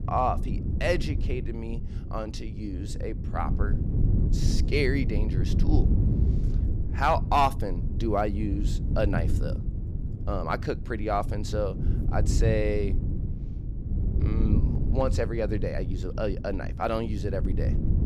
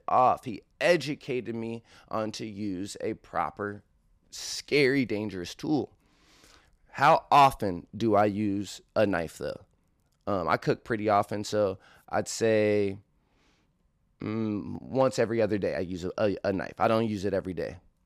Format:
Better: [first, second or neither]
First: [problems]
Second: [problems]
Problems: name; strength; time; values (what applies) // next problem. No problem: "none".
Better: second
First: wind noise on the microphone; occasional gusts; 10 dB below the speech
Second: none